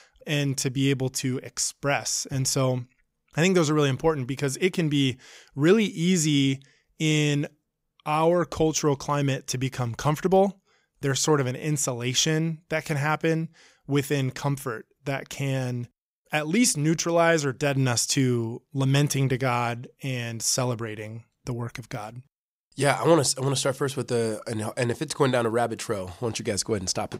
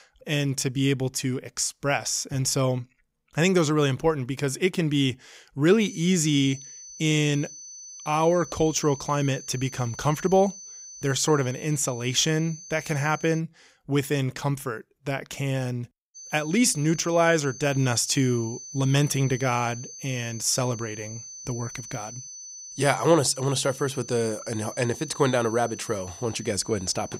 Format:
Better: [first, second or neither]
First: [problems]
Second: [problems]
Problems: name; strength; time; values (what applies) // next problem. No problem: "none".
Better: first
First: none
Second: high-pitched whine; noticeable; from 6 to 13 s and from 16 s on; 6 kHz, 15 dB below the speech